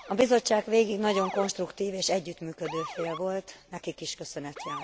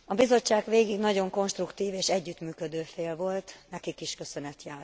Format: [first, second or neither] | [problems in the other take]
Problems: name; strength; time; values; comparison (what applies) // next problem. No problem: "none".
second | background sound (Motor vehicle (road) / Siren); 13 dB below the speech